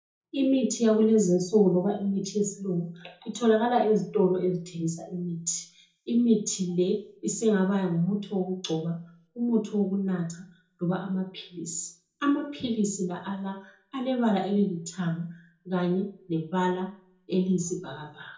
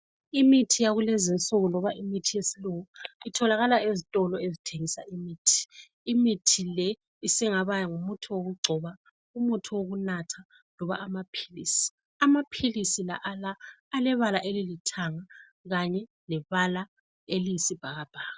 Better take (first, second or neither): second